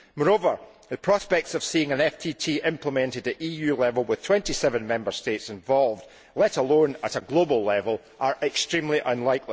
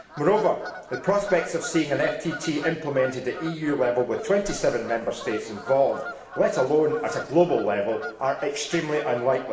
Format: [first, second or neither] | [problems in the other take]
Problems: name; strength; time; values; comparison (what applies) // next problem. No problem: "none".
first | background sound (Bird vocalization, bird call, bird song / Fowl); 15 dB below the speech // room echo; dies away in 1 s